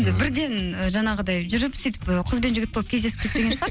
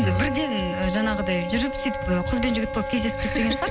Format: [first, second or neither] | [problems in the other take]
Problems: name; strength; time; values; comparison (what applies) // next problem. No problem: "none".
first | background sound (Wind instrument, woodwind instrument + Wind instrument, woodwind instrument); 6 dB below the speech